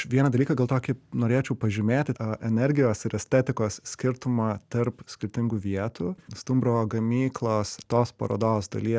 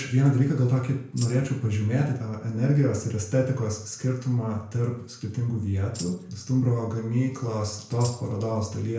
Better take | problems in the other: first | background sound (Tambourine); 17 dB below the speech // room echo; dies away in 0.5 s

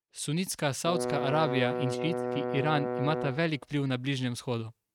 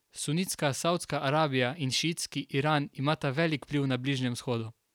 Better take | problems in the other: second | noise reduction (neural mask model RNNoise)

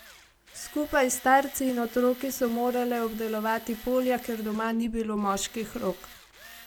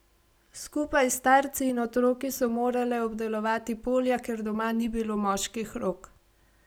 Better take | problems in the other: second | background sound (Tools); 19 dB below the speech

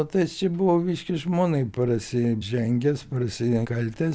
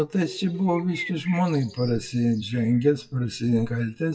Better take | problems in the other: first | noise reduction (classical method WPE with log-MMSE)

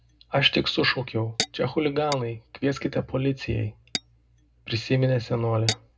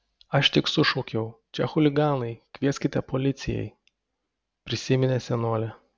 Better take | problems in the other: second | background sound (Tap / Glass); 12 dB below the speech // room echo; dies away in 0.2 s

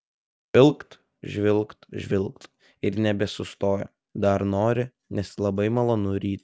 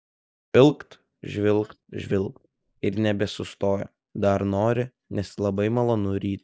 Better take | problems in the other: first | noise reduction (neural mask model Resemble Enhance denoiser)

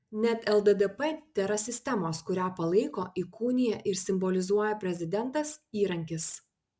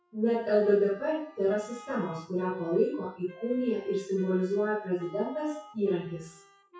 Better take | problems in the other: first | noise reduction (classical method WPE with log-MMSE)

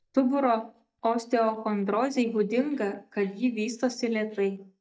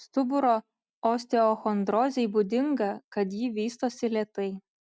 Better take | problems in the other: second | noise reduction (neural mask model DeepFilterNet 3)

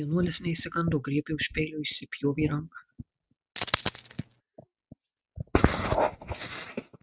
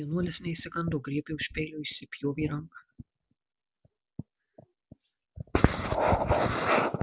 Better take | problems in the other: second | noise reduction (neural mask model RNNoise)

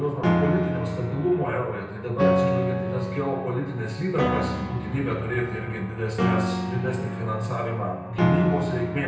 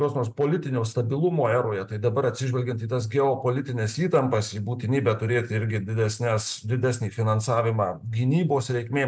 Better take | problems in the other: second | background sound (Piano); 1 dB above the speech // room echo; dies away in 0.9 s

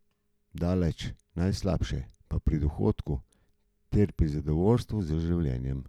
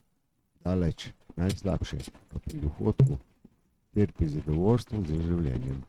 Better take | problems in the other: first | noise reduction (neural mask model RNNoise)

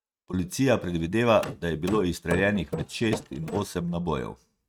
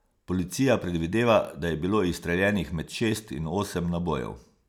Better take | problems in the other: second | noise reduction (neural mask model RNNoise)

